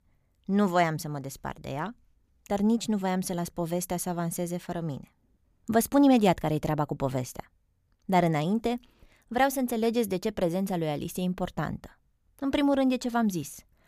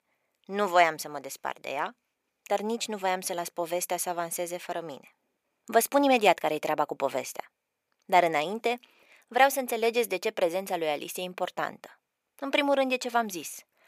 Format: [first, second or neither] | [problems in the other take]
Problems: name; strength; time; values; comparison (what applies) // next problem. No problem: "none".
first | thin; somewhat; fading below 550 Hz